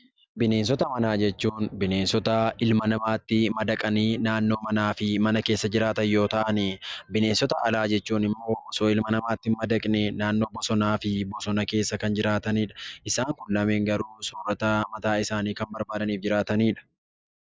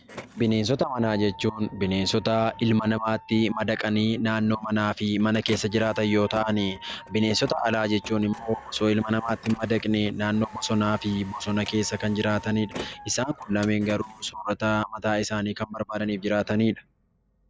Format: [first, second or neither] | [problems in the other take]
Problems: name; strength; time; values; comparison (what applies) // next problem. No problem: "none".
first | background sound (Printer + Dog); 19 dB below the speech